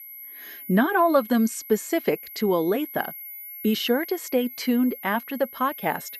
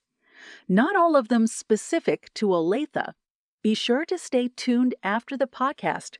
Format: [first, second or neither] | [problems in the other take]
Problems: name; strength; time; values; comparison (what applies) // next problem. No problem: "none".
second | high-pitched whine; noticeable; throughout; 11.5 kHz, 15 dB below the speech